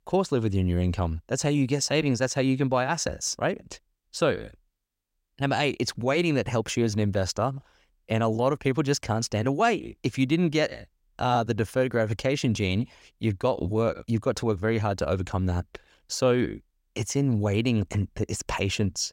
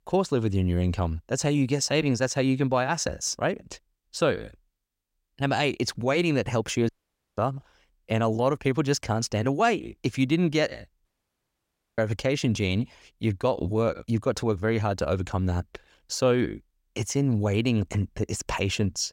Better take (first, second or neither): first